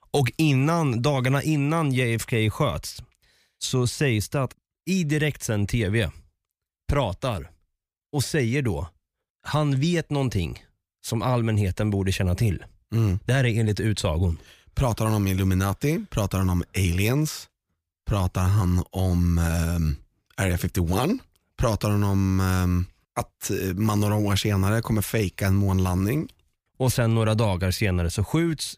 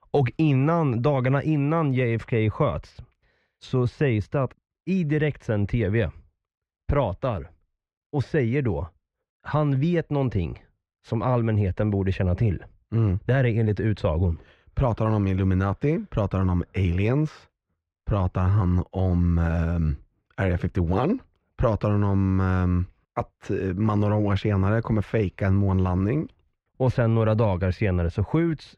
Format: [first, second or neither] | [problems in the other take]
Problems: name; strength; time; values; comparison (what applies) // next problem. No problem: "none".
first | muffled; very; fading above 2 kHz